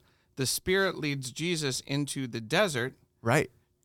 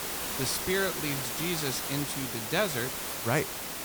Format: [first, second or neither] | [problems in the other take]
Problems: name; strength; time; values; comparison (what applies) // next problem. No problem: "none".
first | hiss; loud; throughout; as loud as the speech